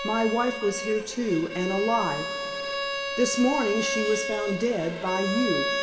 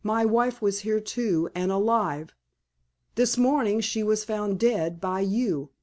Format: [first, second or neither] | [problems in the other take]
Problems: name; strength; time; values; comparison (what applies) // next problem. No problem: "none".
second | background sound (Bowed string instrument); 4 dB below the speech // room echo; dies away in 2.1 s